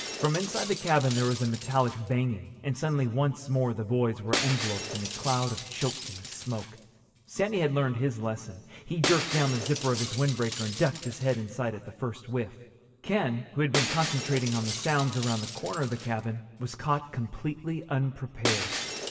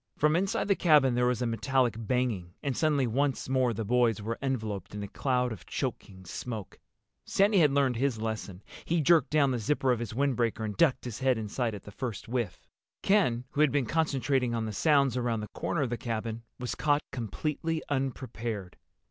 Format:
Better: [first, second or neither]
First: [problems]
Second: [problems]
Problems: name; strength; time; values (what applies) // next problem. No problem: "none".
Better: second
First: background sound (Shatter); 8 dB below the speech // room echo; dies away in 3 s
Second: none